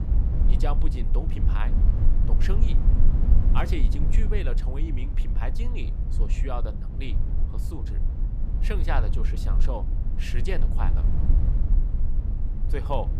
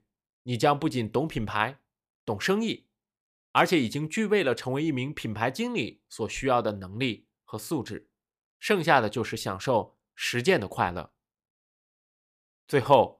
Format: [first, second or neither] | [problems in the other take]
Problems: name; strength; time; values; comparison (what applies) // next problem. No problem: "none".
second | low rumble; loud; throughout; 6 dB below the speech